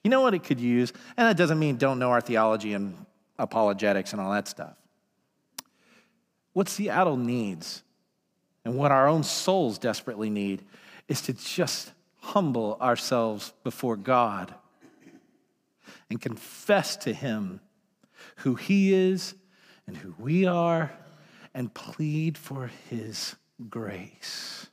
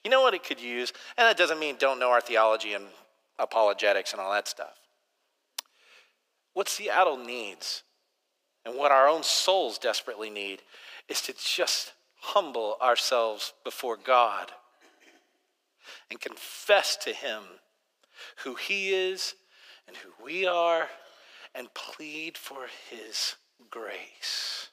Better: first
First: none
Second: thin; very; fading below 450 Hz

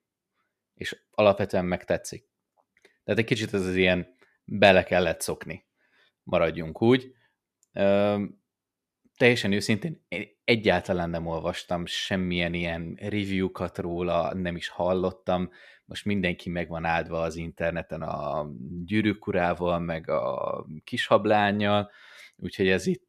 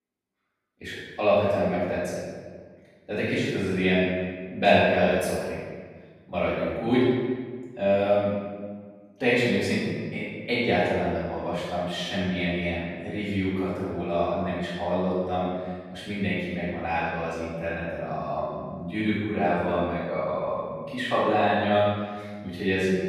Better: first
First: none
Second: off-mic speech; far // room echo; strong; dies away in 1.4 s

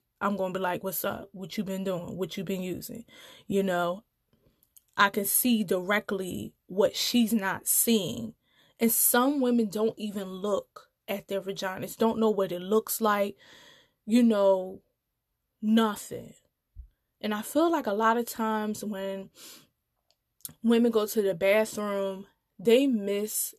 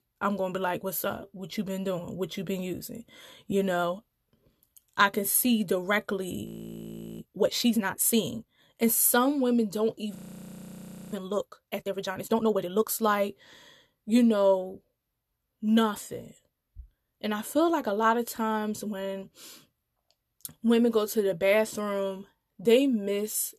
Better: first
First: none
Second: audio freezing; at 6.5 s for 0.5 s and at 10 s for 1 s

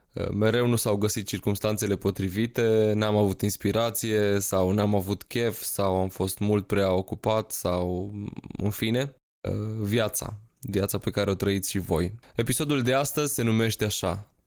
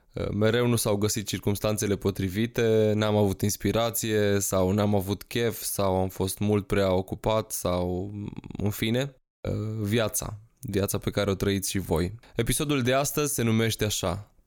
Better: second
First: garbled, watery; slightly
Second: none

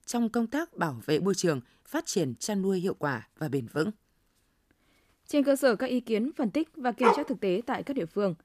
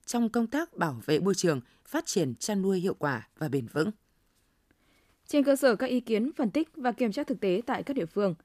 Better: second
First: dog barking; loud; at 7 s; peak 4 dB above the speech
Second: none

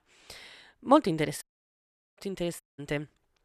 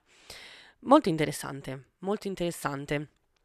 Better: second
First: audio cutting out; at 1.5 s for 1 s and at 2.5 s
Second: none

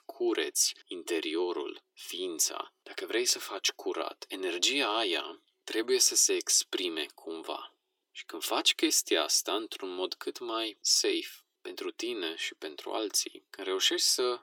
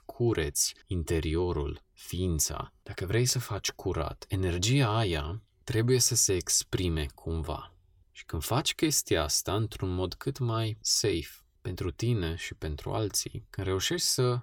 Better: second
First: thin; very; fading below 300 Hz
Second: none

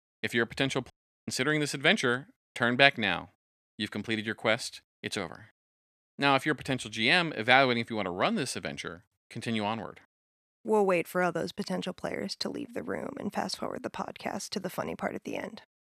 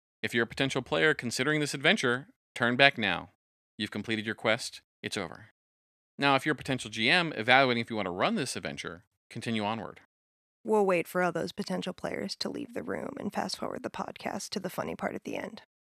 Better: second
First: audio cutting out; at 1 s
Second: none

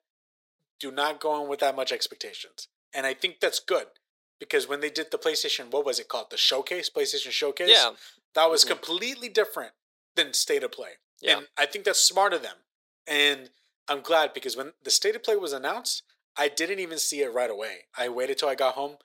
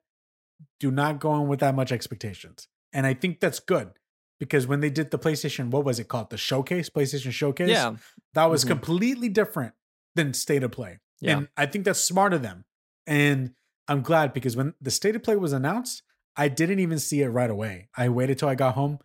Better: second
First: thin; very; fading below 400 Hz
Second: none

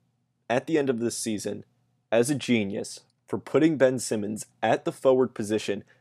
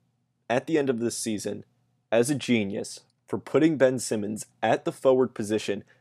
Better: neither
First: none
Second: none

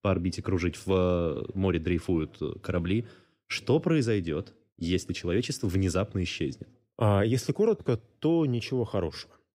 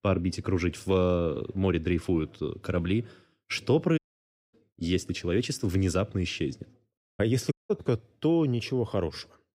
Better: first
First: none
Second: audio cutting out; at 4 s for 0.5 s, at 7 s and at 7.5 s

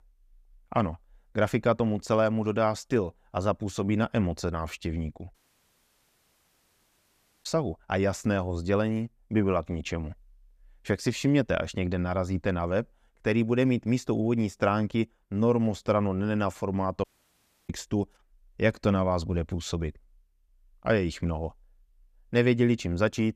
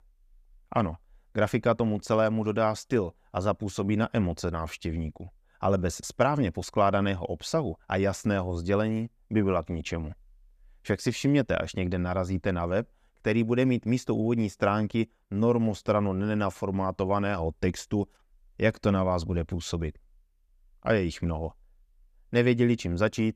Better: second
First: audio cutting out; at 5.5 s for 2 s and at 17 s for 0.5 s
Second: none

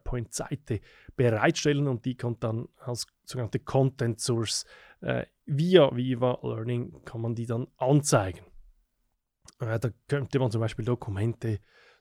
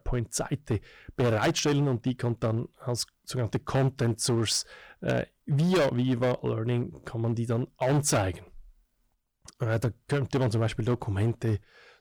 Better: first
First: none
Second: distortion; heavy; 9% of the sound clipped

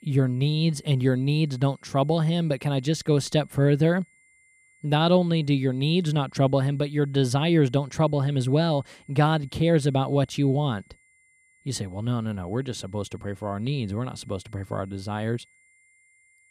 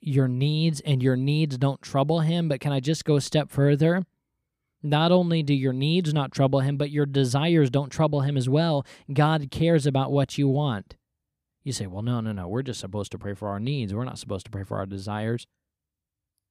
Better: second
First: high-pitched whine; faint; throughout; 2 kHz, 35 dB below the speech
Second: none

